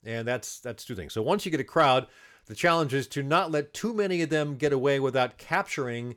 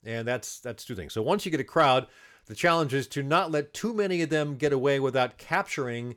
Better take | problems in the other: neither | none

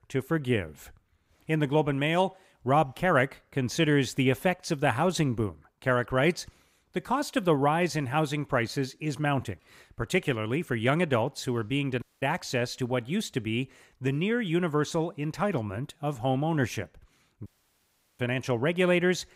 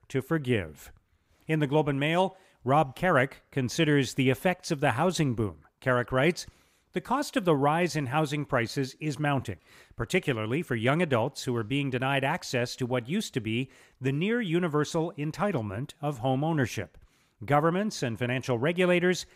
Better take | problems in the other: second | audio cutting out; at 12 s and at 17 s for 0.5 s

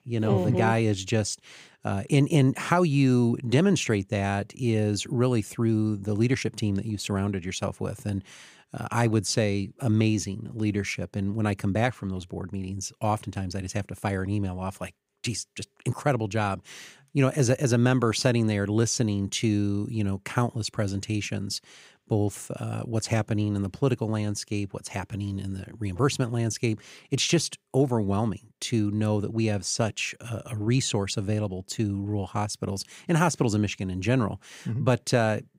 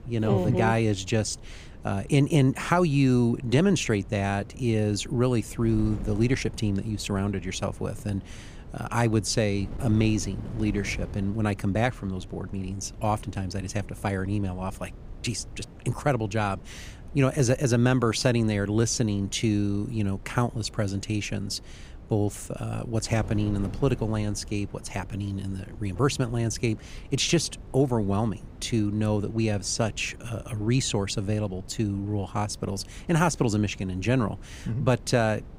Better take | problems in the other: first | wind noise on the microphone; occasional gusts; 20 dB below the speech

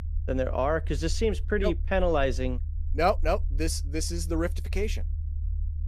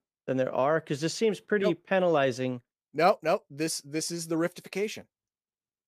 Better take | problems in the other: second | low rumble; faint; throughout; 25 dB below the speech

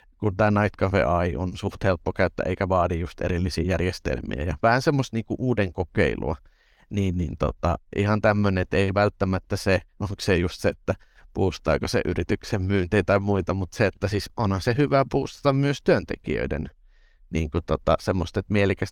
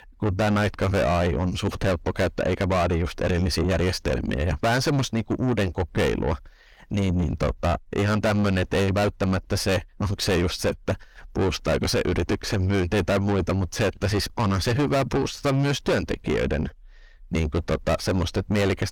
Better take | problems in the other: first | distortion; heavy; 6 dB below the speech

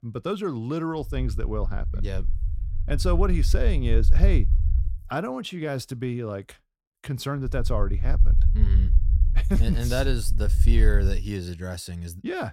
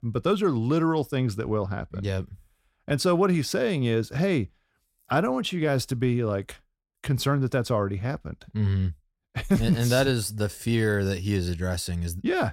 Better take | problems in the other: second | low rumble; noticeable; from 1 to 5 s and from 7.5 to 11 s; 15 dB below the speech

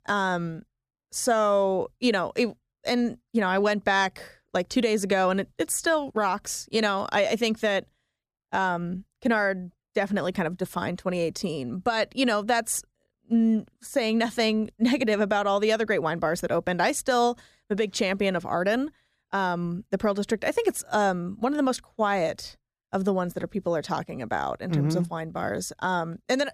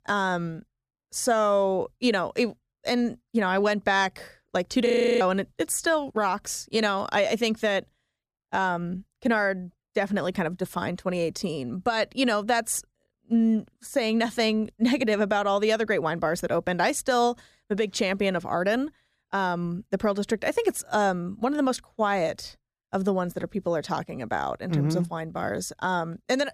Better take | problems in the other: first | audio freezing; at 5 s

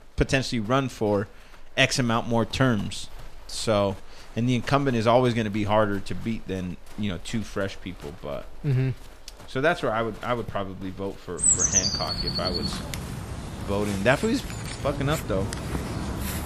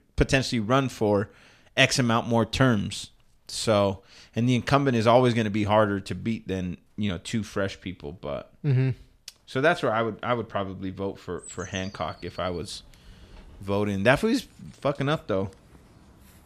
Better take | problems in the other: second | animal sounds; loud; throughout; as loud as the speech; faint in the second

